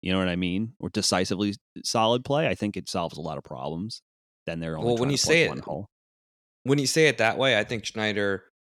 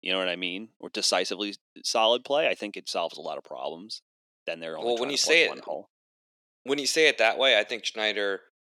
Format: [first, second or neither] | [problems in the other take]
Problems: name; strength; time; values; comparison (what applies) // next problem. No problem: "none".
first | thin; somewhat; fading below 300 Hz